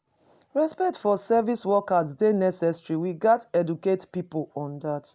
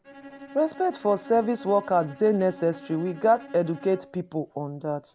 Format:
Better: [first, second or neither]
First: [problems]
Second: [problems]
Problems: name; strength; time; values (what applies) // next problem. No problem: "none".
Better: first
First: none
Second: background sound (Bowed string instrument); 20 dB below the speech